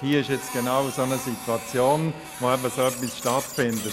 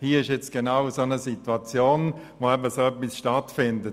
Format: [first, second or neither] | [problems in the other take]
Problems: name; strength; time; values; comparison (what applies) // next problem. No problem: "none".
second | background sound (Printer); 11 dB below the speech